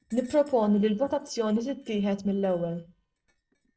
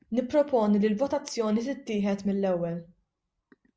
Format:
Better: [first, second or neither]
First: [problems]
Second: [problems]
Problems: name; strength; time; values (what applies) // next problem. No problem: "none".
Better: second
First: noise reduction (neural separator model SepFormer DNS4)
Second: none